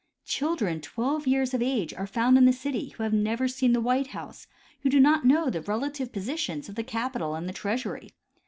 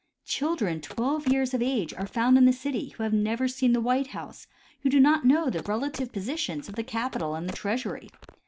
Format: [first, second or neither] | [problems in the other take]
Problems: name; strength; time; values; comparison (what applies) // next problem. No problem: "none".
first | background sound (Telephone); 20 dB below the speech